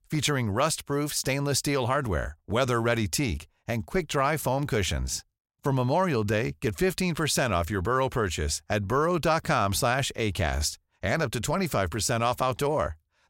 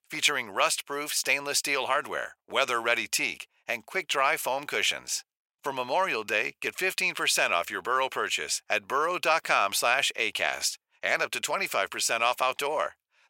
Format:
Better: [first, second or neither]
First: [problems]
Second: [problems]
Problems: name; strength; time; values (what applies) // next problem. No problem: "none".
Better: first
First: none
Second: thin; very; fading below 600 Hz